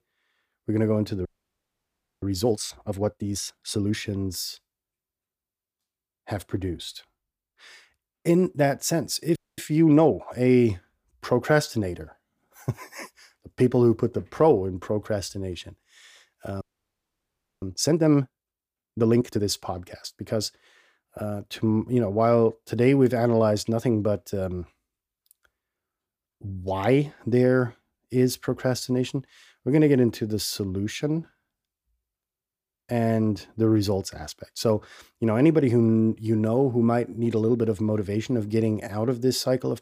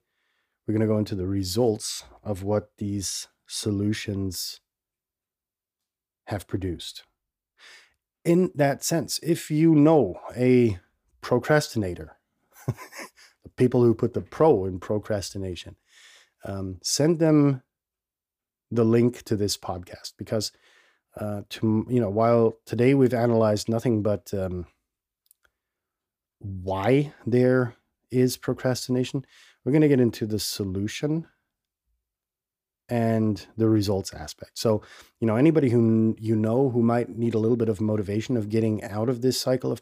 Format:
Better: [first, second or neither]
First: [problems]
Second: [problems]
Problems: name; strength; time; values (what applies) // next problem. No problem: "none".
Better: second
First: audio freezing; at 1.5 s for 1 s, at 9.5 s and at 17 s for 1 s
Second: none